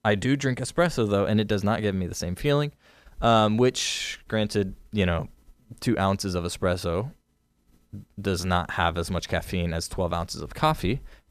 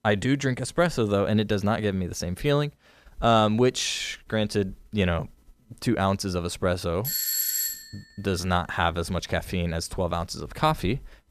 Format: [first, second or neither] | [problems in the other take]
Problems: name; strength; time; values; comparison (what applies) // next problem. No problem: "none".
first | doorbell; loud; at 7 s; peak 3 dB above the speech